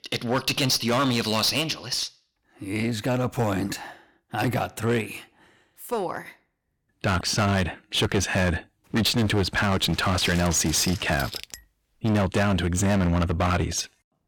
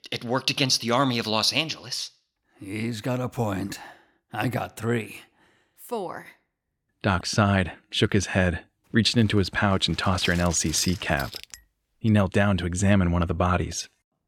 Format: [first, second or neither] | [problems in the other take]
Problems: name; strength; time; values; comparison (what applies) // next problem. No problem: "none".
second | distortion; heavy; 15% of the sound clipped